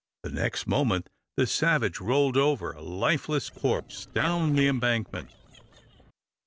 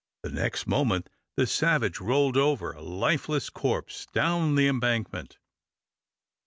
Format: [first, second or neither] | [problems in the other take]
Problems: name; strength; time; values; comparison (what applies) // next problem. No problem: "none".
second | noise reduction (neural separator model SepFormer DNS4)